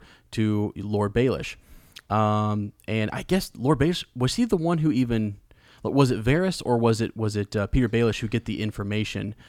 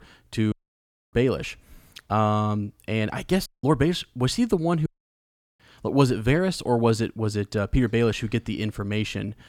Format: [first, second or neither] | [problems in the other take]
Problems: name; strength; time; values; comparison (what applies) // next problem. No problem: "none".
first | audio cutting out; at 0.5 s for 0.5 s, at 3.5 s and at 5 s for 0.5 s